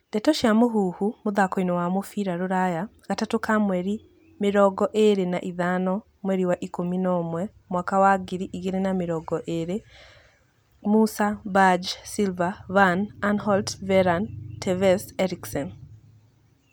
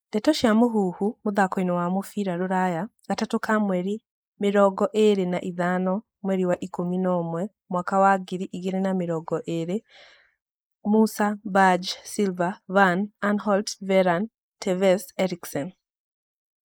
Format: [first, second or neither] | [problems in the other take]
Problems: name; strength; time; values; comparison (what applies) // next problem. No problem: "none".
first | noise reduction (neural mask model Resemble Enhance denoiser)